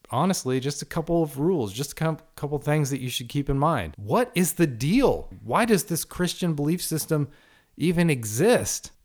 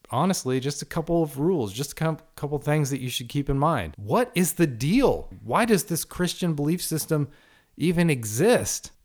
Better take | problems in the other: neither | none

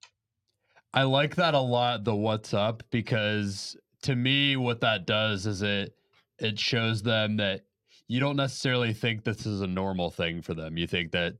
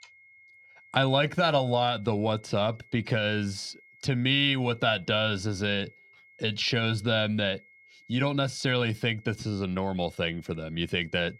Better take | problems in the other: first | high-pitched whine; faint; throughout; 2 kHz, 25 dB below the speech

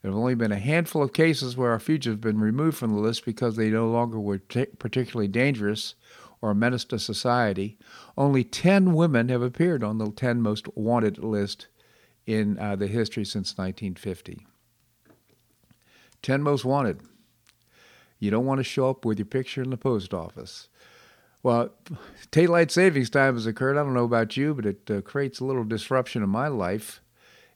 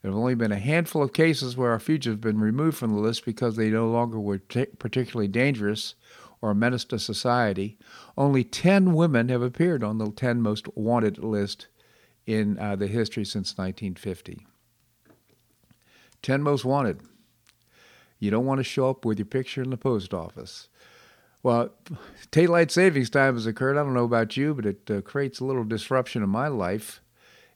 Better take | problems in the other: neither | none

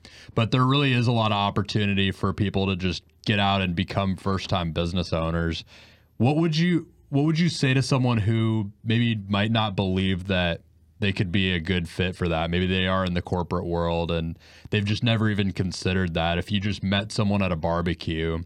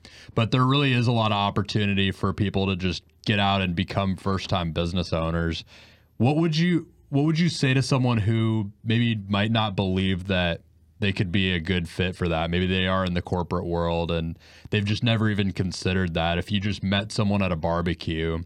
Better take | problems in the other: neither | none

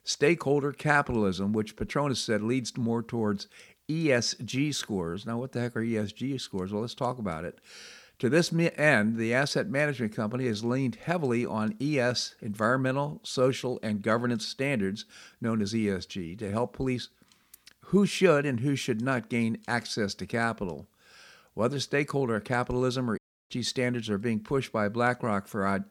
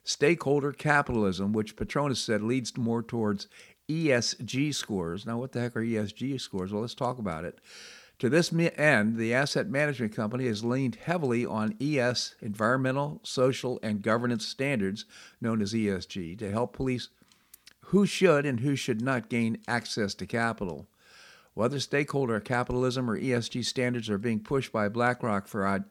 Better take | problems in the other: second | audio cutting out; at 23 s

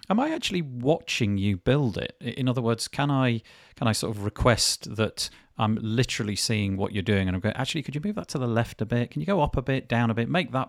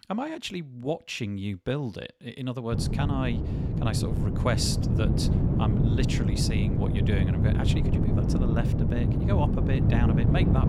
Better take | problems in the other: first | wind noise on the microphone; heavy; from 2.5 s on; 1 dB below the speech

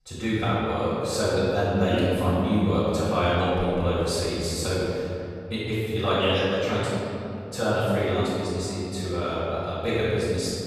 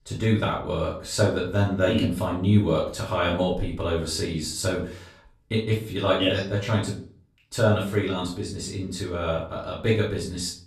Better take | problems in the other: second | room echo; strong; dies away in 2.5 s; slight in the second // off-mic speech; far; far in the second

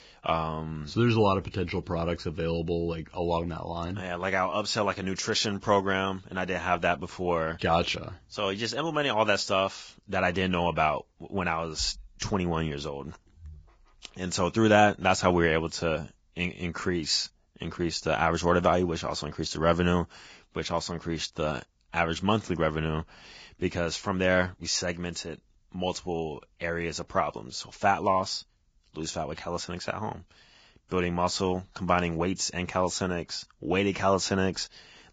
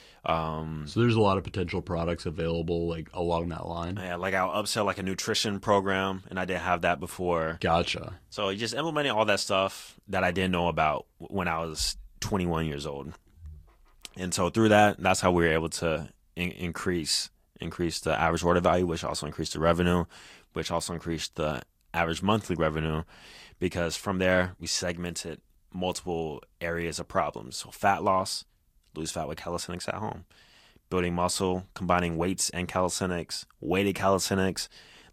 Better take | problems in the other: second | garbled, watery; badly; nothing above 7.5 kHz; slightly in the second

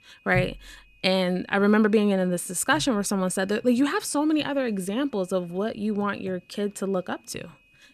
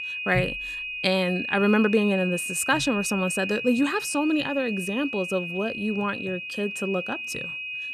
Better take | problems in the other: first | high-pitched whine; loud; throughout; 2.5 kHz, 5 dB below the speech; faint in the first

